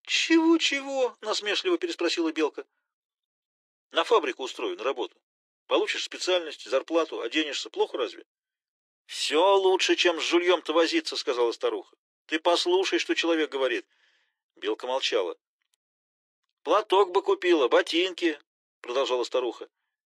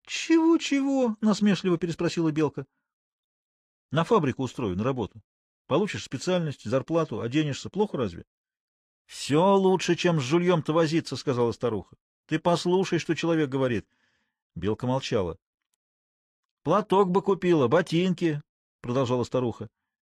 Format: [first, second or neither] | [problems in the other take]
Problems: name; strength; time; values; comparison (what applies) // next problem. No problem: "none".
second | thin; very; fading below 350 Hz